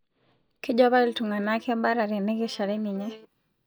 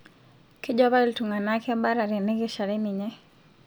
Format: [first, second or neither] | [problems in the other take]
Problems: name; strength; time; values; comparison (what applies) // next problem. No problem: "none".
second | noise reduction (neural mask model DeepFilterNet 3)